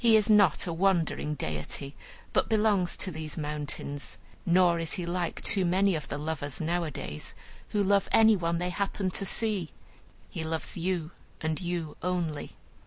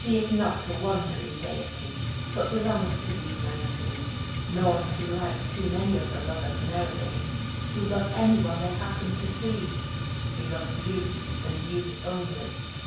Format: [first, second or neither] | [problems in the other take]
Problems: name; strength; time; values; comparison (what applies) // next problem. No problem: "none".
first | background sound (Fire); 1 dB below the speech // room echo; dies away in 0.7 s